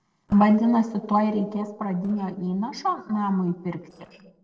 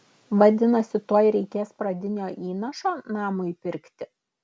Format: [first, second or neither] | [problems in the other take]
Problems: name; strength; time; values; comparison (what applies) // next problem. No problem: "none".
second | noise reduction (neural separator model SepFormer DNS4)